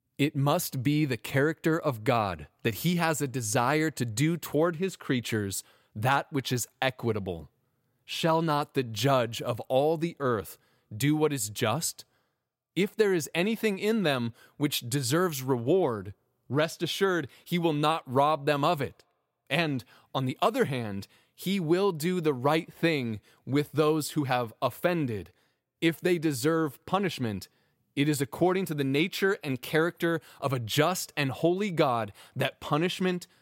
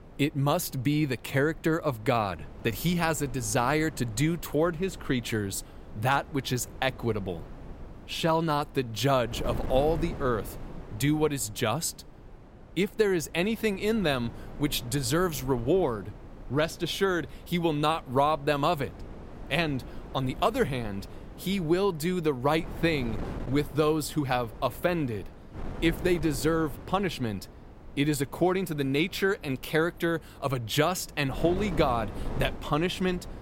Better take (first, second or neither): first